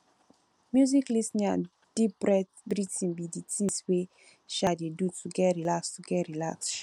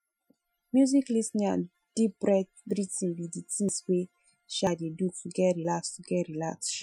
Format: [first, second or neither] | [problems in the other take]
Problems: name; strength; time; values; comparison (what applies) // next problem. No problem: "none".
first | noise reduction (classical method Wiener filter)